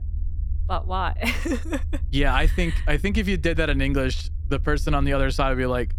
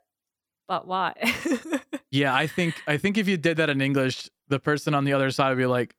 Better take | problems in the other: second | low rumble; faint; throughout; 25 dB below the speech

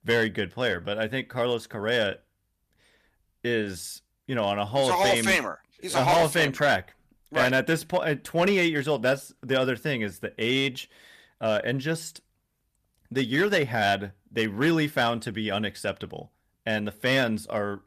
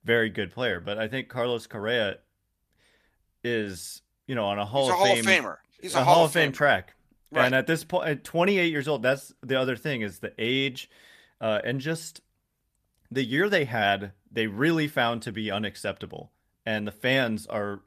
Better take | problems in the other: second | distortion; slight; 3% of the sound clipped

